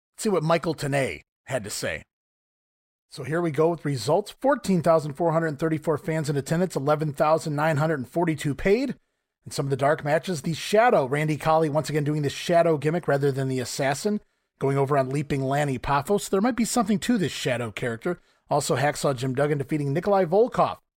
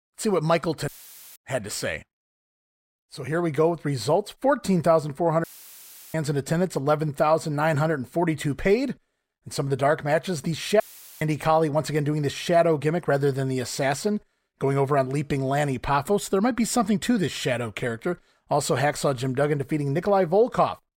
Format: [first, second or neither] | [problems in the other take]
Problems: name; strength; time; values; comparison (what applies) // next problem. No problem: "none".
first | audio cutting out; filled with static; at 1 s, at 5.5 s for 0.5 s and at 11 s